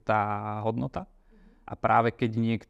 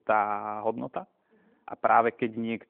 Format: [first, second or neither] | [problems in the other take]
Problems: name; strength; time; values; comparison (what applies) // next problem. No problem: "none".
first | phone-call audio